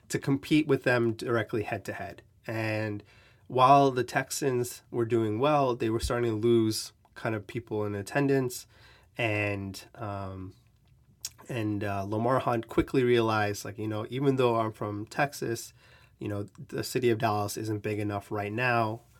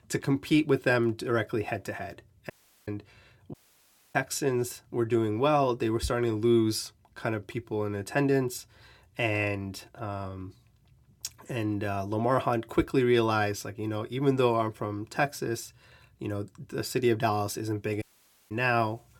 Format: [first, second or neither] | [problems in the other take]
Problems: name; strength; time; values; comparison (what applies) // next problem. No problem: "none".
first | audio cutting out; at 2.5 s, at 3.5 s for 0.5 s and at 18 s